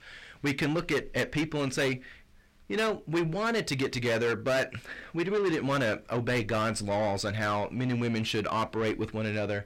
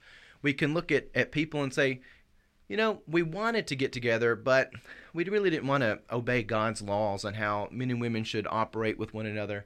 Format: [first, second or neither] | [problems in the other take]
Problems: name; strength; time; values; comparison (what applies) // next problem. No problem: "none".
second | distortion; heavy; 8 dB below the speech